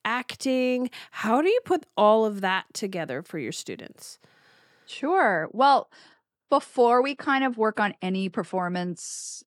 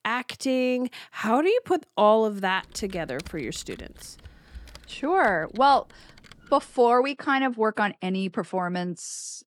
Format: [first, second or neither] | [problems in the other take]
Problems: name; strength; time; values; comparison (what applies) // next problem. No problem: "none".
first | keyboard typing; faint; from 2.5 to 6.5 s; peak 20 dB below the speech